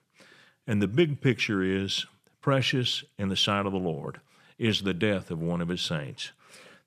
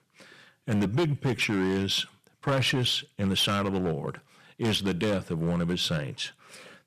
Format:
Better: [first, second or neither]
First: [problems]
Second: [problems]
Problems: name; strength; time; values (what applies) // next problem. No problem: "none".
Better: first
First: none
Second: distortion; heavy; 9% of the sound clipped